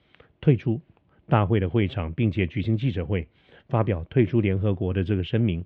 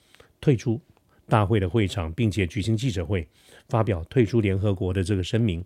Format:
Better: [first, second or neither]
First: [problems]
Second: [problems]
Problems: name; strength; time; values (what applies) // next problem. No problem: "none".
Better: second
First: muffled; very; fading above 3 kHz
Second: none